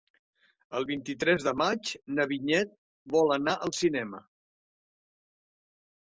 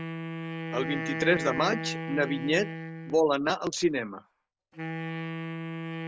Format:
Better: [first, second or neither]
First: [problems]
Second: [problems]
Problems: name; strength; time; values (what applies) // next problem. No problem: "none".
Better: first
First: none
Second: background sound (Wind instrument, woodwind instrument); 6 dB below the speech